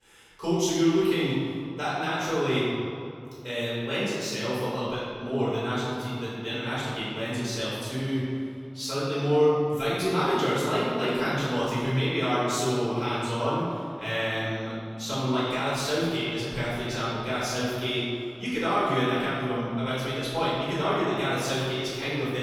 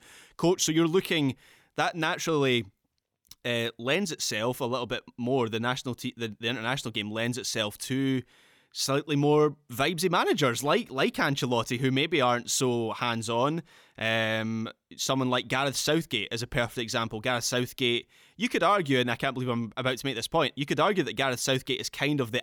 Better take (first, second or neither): second